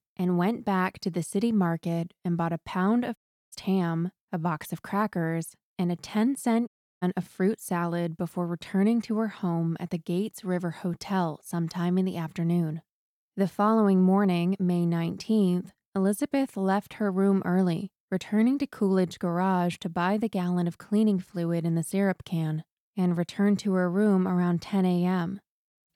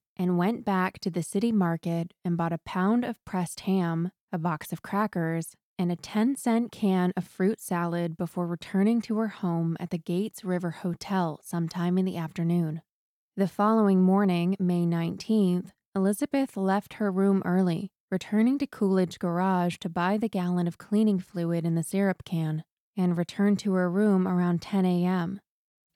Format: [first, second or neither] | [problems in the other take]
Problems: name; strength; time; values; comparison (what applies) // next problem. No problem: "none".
second | audio cutting out; at 3 s and at 6.5 s